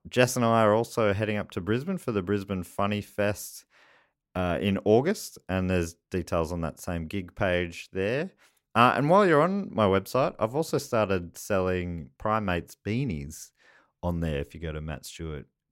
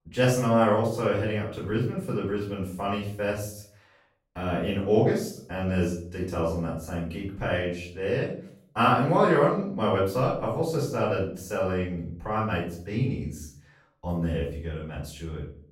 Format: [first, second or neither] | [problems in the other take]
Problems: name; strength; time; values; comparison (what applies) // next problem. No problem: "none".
first | room echo; noticeable; dies away in 0.5 s // off-mic speech; far